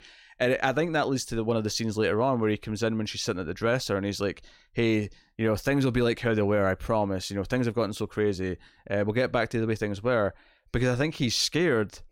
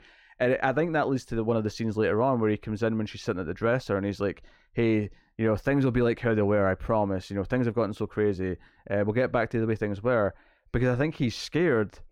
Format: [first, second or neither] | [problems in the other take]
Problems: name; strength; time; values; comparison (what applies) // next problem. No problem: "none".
first | muffled; slightly; fading above 3 kHz